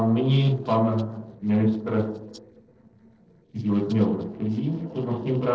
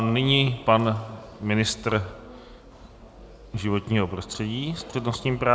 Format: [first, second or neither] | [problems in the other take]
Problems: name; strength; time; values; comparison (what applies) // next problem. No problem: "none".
second | noise reduction (neural separator model SepFormer DNS4)